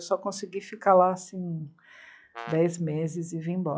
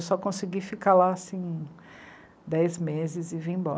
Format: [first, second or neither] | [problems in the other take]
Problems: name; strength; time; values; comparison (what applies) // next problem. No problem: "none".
second | noise reduction (classical method log-MMSE)